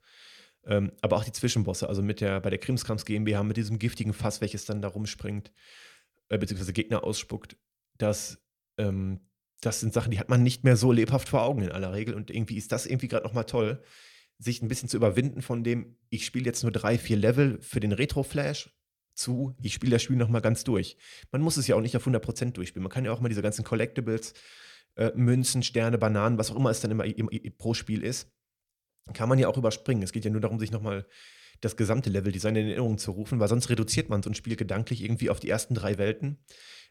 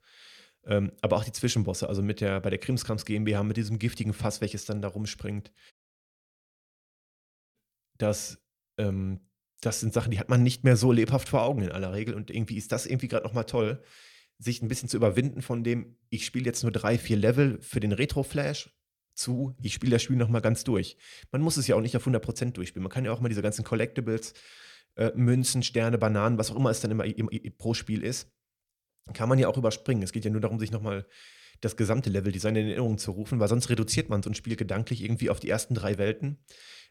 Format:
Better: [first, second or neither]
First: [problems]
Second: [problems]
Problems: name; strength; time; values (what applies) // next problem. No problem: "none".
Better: first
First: none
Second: audio cutting out; at 5.5 s for 2 s